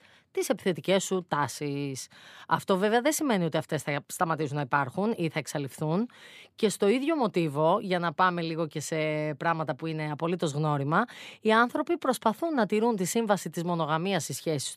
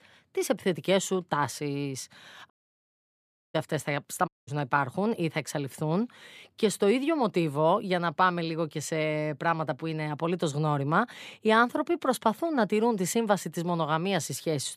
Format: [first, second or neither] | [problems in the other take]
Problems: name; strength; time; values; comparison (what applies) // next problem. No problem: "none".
first | audio cutting out; at 2.5 s for 1 s and at 4.5 s